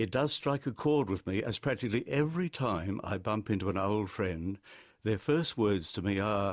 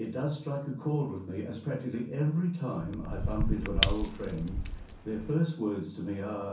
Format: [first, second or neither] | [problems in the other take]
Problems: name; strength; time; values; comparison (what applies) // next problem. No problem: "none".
first | background sound (Shatter / Crushing); 1 dB above the speech // room echo; dies away in 0.6 s